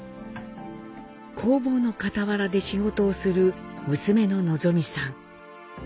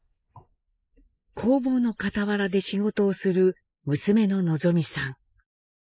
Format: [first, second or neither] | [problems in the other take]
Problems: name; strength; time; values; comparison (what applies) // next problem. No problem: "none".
first | noise reduction (neural mask model Resemble Enhance denoiser)